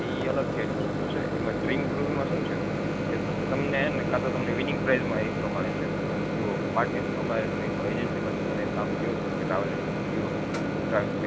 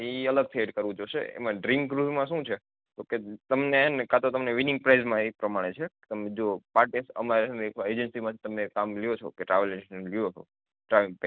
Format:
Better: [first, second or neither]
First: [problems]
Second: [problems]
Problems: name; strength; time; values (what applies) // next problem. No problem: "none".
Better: second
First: background sound (Microwave oven); 4 dB above the speech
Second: none